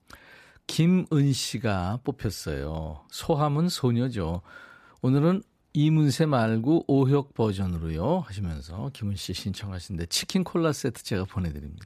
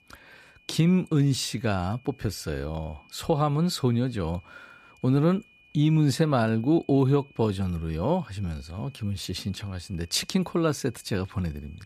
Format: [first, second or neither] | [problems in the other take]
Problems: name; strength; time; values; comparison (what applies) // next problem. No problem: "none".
first | high-pitched whine; faint; throughout; 2.5 kHz, 30 dB below the speech